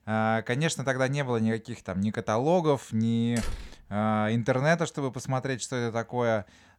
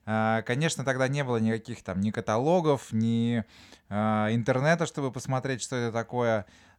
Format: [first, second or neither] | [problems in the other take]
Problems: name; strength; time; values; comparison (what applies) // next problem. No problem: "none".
second | door banging; faint; at 3.5 s; peak 10 dB below the speech